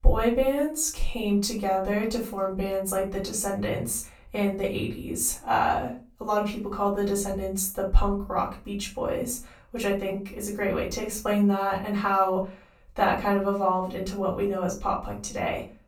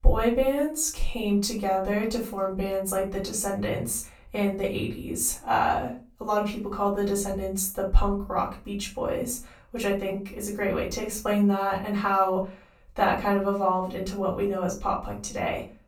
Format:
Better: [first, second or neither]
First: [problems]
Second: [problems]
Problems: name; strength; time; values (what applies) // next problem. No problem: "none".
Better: neither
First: off-mic speech; far // room echo; slight; dies away in 0.3 s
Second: off-mic speech; far // room echo; slight; dies away in 0.3 s